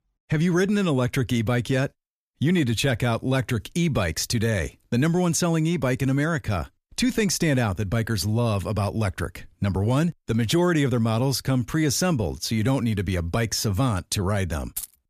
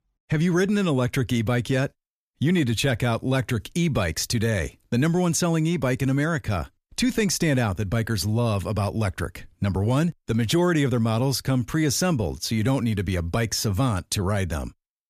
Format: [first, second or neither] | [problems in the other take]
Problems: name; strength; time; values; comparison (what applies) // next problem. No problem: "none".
second | jangling keys; noticeable; at 15 s; peak 9 dB below the speech